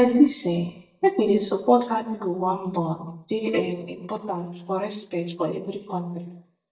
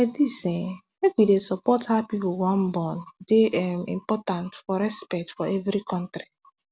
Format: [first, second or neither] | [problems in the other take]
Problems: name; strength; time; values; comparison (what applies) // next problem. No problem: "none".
second | noise reduction (neural mask model DeepFilterNet 3)